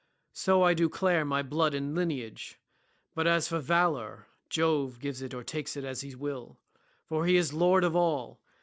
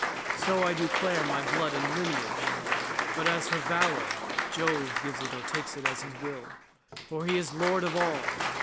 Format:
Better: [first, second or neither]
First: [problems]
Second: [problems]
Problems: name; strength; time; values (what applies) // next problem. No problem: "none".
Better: first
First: none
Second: background sound (Applause / Cheering); 1 dB above the speech